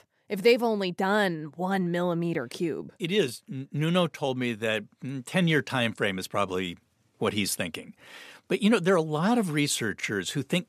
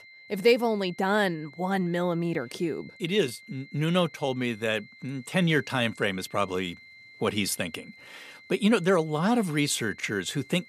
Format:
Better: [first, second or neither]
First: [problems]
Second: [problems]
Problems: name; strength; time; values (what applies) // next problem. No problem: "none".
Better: first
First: none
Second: high-pitched whine; faint; throughout; 2 kHz, 20 dB below the speech